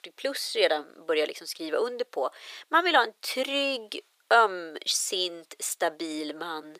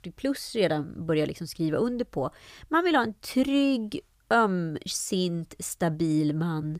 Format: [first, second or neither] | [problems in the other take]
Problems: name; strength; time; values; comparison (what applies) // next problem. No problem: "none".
second | thin; very; fading below 450 Hz